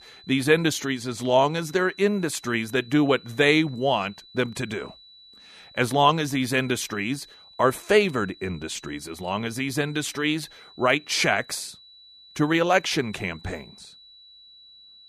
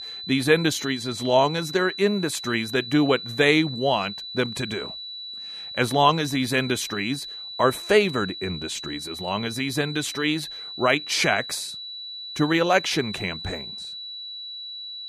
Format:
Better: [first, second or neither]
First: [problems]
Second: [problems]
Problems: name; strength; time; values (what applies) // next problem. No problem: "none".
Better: first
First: high-pitched whine; faint; throughout; 4 kHz, 25 dB below the speech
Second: high-pitched whine; loud; throughout; 4 kHz, 10 dB below the speech